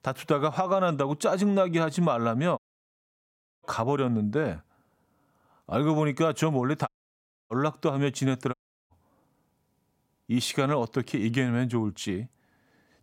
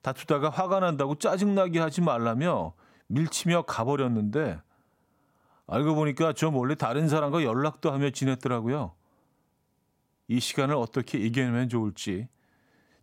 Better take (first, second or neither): second